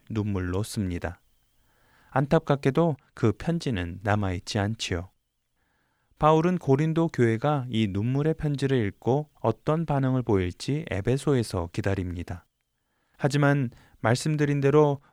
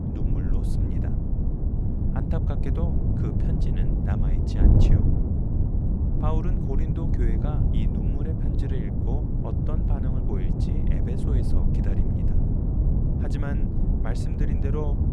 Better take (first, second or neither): first